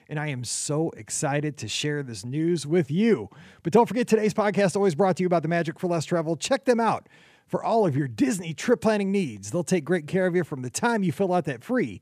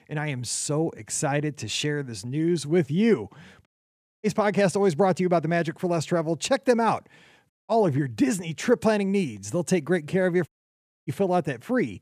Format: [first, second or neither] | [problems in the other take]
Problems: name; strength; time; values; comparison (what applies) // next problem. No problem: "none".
first | audio cutting out; at 3.5 s for 0.5 s, at 7.5 s and at 10 s for 0.5 s